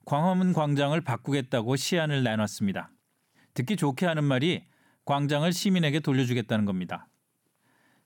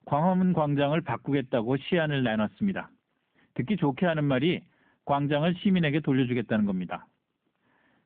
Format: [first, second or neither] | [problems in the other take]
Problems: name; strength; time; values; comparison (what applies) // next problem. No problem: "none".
first | phone-call audio; nothing above 3.5 kHz